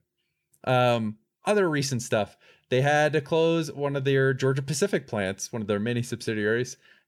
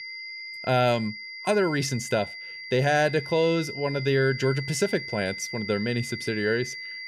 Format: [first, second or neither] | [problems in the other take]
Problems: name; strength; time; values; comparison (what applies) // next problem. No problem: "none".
first | high-pitched whine; loud; throughout; 2 kHz, 9 dB below the speech